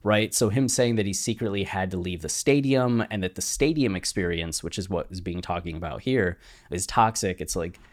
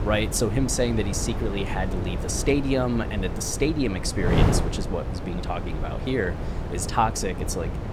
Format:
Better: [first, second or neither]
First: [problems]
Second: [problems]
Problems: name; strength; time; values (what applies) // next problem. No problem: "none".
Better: first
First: none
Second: wind noise on the microphone; heavy; 7 dB below the speech